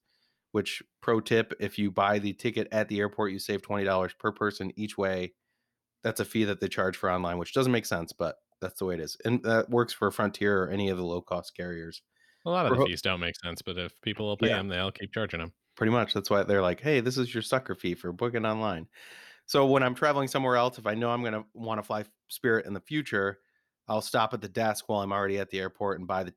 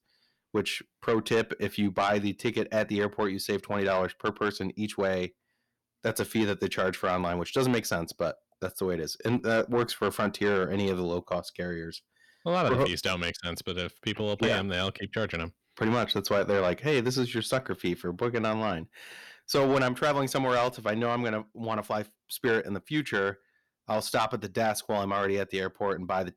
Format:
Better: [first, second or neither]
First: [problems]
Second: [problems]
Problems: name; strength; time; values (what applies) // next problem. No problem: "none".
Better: first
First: none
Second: distortion; slight; 10 dB below the speech